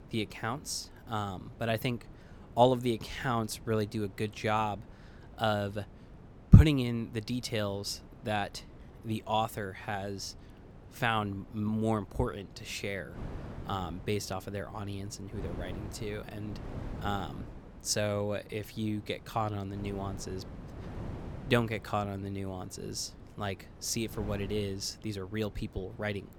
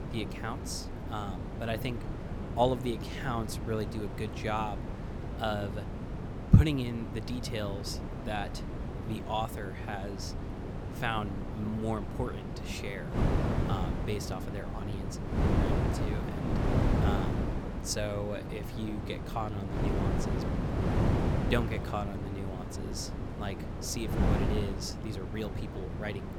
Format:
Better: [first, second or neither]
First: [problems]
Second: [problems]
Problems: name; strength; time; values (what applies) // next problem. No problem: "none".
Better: first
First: wind noise on the microphone; occasional gusts; 20 dB below the speech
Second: wind noise on the microphone; heavy; 3 dB below the speech